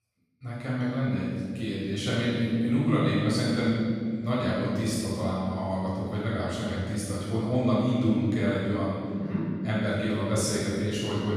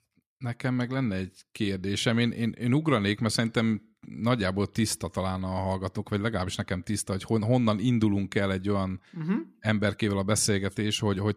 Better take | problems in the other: second | off-mic speech; far // room echo; strong; dies away in 2.1 s

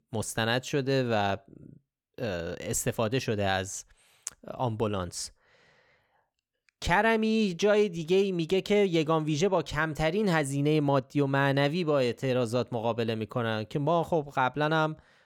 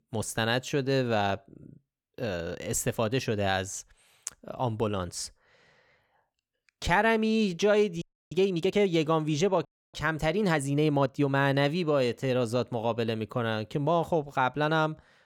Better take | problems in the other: first | audio freezing; at 8 s and at 9.5 s

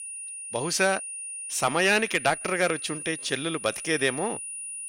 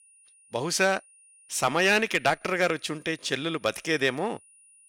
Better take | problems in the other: second | high-pitched whine; loud; throughout; 9.5 kHz, 9 dB below the speech; faint in the second

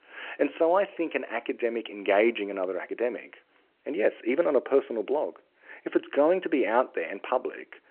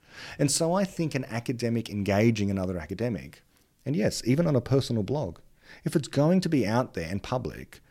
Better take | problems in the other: second | phone-call audio

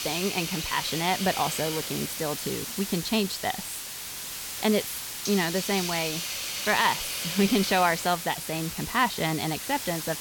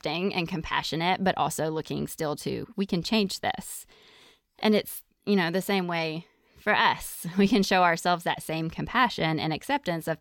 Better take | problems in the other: second | hiss; loud; throughout; 4 dB below the speech

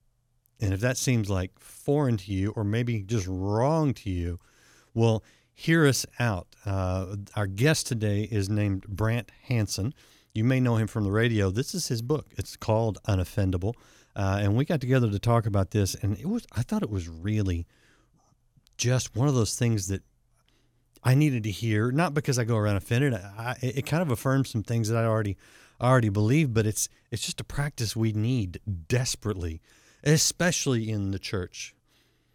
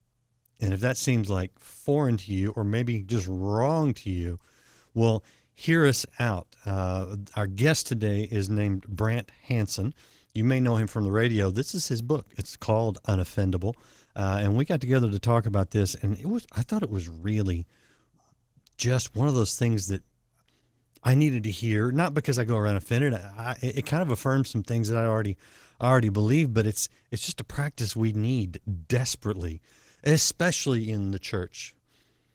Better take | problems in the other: first | garbled, watery; slightly; nothing above 17.5 kHz

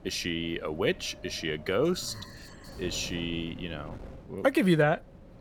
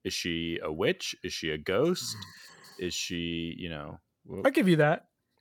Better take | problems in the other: second | wind noise on the microphone; occasional gusts; 20 dB below the speech

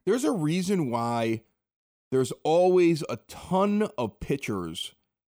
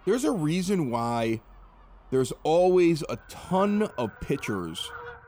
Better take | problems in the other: first | animal sounds; faint; throughout; 20 dB below the speech

